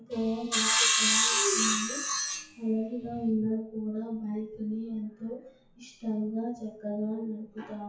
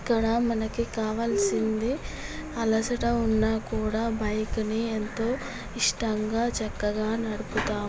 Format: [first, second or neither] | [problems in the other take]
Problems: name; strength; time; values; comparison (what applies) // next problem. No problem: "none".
second | noise reduction (classical method WPE with log-MMSE)